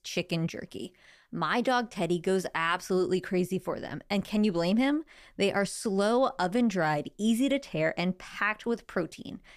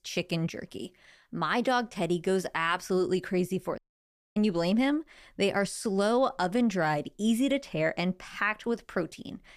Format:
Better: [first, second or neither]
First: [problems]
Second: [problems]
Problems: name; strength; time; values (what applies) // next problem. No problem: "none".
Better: first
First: none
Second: audio cutting out; at 4 s for 0.5 s